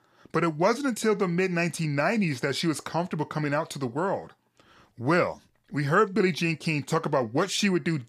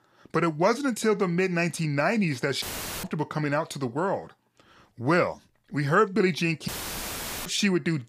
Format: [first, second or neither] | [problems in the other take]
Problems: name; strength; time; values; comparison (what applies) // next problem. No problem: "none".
first | audio cutting out; filled with static; at 2.5 s and at 6.5 s for 1 s